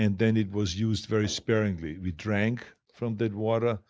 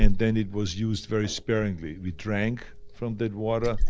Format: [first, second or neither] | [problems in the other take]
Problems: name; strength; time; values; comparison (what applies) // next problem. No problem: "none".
first | background sound (Liquid); 1 dB above the speech